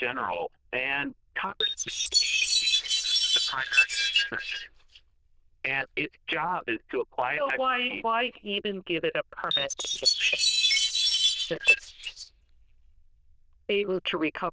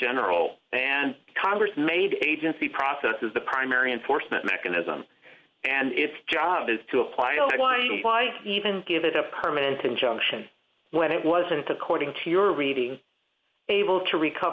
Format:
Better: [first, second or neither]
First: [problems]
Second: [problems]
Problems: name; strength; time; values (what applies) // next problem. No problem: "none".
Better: second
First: noise reduction (neural diffusion model UNIVERSE++)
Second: none